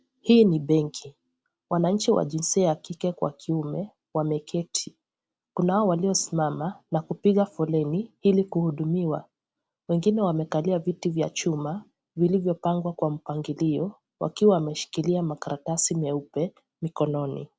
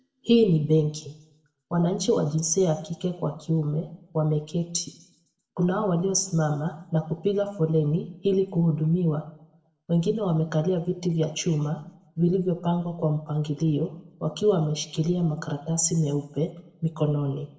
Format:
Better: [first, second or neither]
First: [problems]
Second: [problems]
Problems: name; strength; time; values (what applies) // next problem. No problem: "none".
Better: first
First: none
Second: room echo; dies away in 0.6 s